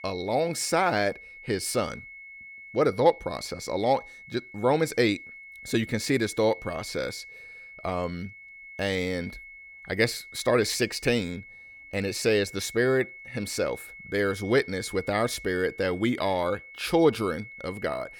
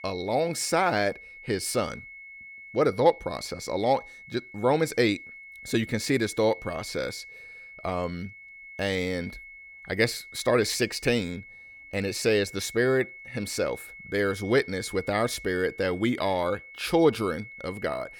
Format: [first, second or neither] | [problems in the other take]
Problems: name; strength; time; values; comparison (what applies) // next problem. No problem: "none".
neither | high-pitched whine; noticeable; throughout; 2 kHz, 15 dB below the speech; the same in both